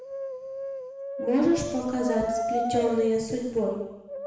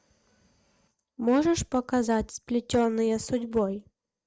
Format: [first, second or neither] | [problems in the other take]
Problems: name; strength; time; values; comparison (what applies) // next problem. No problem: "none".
second | background sound (Brass instrument); 6 dB below the speech // room echo; dies away in 1 s